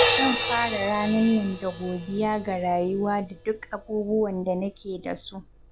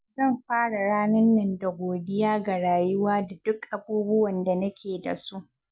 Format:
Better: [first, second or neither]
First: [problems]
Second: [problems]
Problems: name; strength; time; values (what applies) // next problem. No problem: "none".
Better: second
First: background sound (Crash cymbal); 5 dB below the speech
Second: none